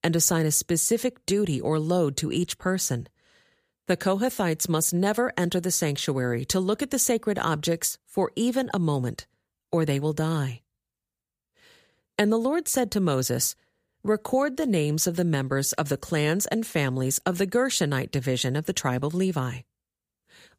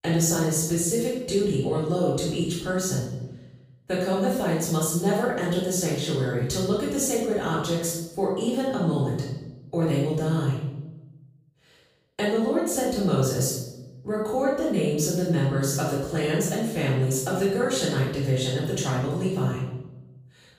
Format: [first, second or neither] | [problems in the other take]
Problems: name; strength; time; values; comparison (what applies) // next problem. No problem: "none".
first | off-mic speech; far // room echo; noticeable; dies away in 0.9 s